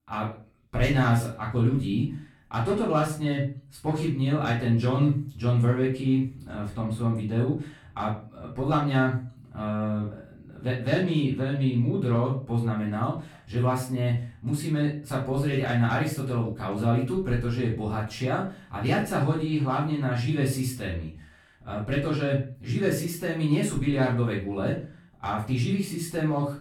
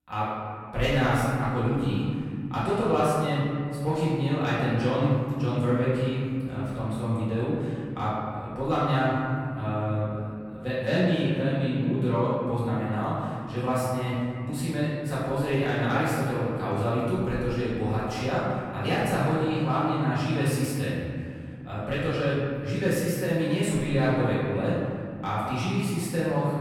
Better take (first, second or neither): first